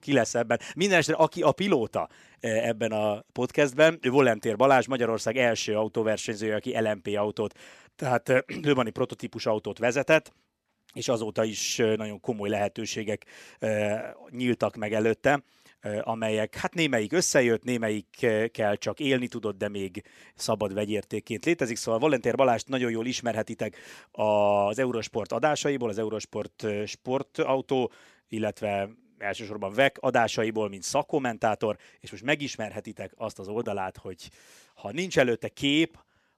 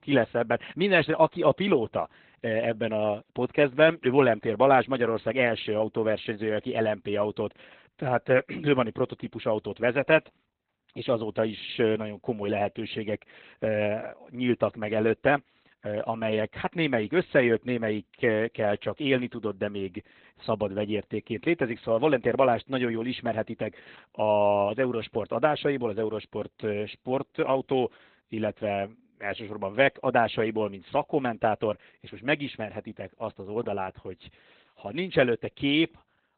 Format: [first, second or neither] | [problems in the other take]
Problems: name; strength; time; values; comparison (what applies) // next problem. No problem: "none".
first | garbled, watery; badly; nothing above 4 kHz